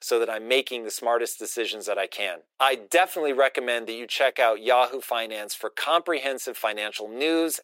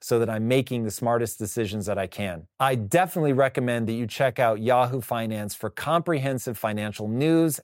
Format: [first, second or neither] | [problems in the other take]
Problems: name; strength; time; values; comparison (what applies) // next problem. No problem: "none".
second | thin; very; fading below 350 Hz